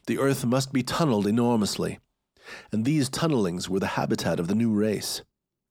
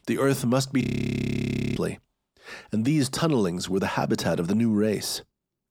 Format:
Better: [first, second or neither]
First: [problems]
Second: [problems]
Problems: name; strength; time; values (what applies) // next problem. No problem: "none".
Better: first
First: none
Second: audio freezing; at 1 s for 1 s